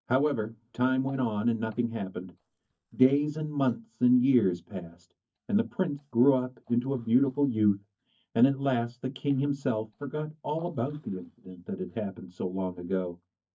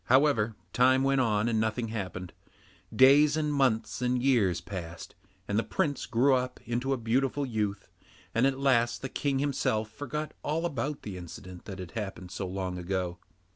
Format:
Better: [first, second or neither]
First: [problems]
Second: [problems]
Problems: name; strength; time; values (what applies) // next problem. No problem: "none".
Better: second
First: noise reduction (neural mask model DeepFilterNet 3)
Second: none